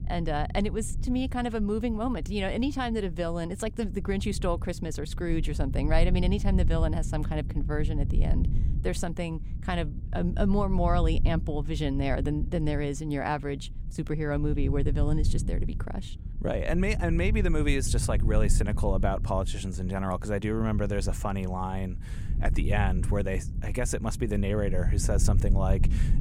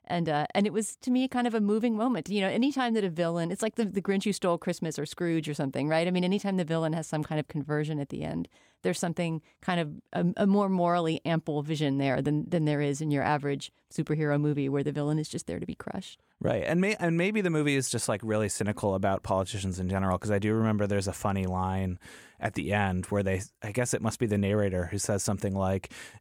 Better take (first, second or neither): second